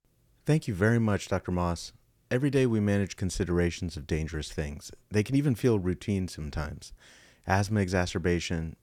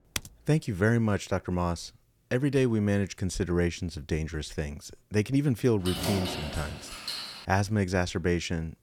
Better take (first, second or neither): first